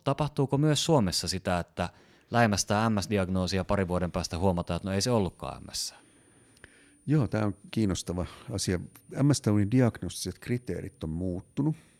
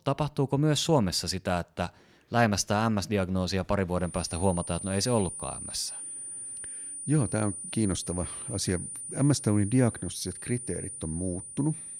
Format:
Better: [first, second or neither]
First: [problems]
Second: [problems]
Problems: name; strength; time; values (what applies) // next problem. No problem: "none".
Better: first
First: high-pitched whine; faint; from 4 s on; 9.5 kHz, 35 dB below the speech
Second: high-pitched whine; loud; from 4 s on; 9.5 kHz, 8 dB below the speech